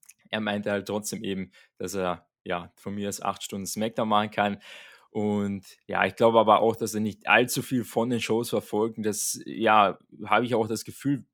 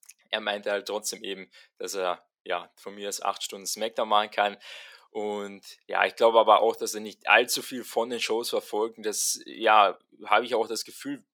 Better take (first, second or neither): first